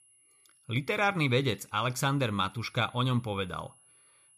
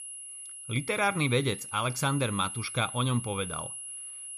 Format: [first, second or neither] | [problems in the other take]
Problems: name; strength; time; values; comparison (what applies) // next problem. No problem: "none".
first | high-pitched whine; loud; throughout; 10.5 kHz, 9 dB below the speech; faint in the first